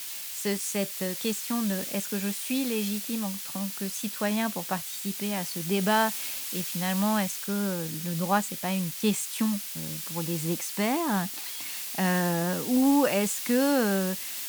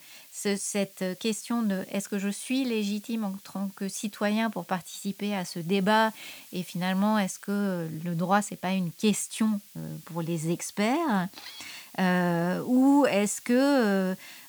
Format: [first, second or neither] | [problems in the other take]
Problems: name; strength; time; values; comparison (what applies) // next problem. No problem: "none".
second | hiss; loud; throughout; 4 dB below the speech; faint in the second